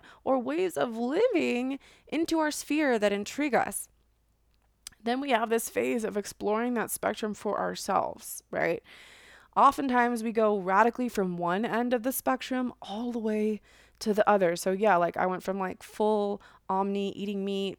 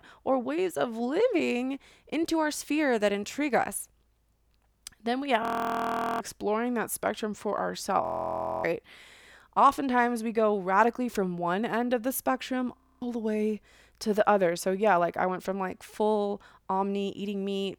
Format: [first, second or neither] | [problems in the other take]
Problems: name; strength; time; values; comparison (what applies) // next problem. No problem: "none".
first | audio freezing; at 5.5 s for 1 s, at 8 s for 0.5 s and at 13 s